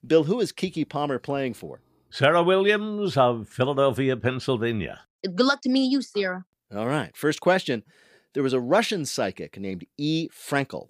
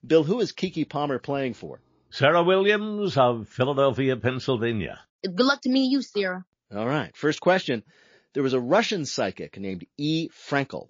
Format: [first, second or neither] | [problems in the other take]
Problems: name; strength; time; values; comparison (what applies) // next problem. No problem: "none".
first | garbled, watery; slightly; nothing above 6.5 kHz